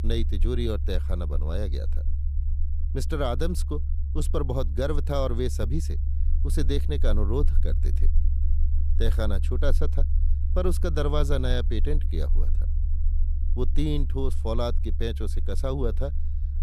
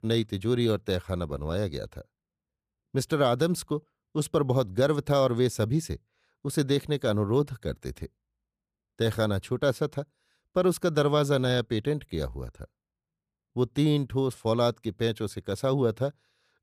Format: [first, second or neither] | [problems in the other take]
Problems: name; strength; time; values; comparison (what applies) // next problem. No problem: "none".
second | low rumble; noticeable; throughout; 15 dB below the speech